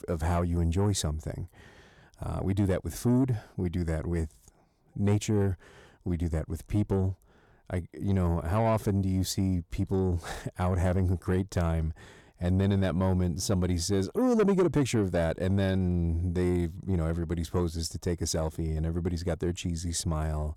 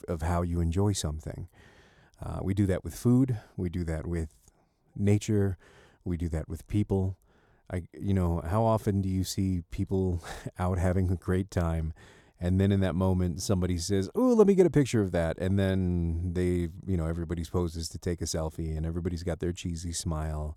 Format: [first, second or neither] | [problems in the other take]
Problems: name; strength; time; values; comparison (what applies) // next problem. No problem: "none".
second | distortion; slight; 10 dB below the speech